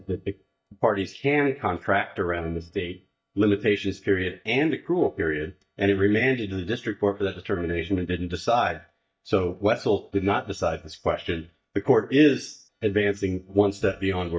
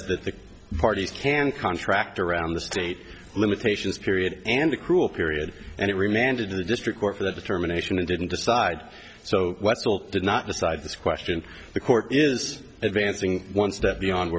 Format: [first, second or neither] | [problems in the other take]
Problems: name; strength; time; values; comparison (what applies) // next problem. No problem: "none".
second | noise reduction (neural mask model DeepFilterNet 3)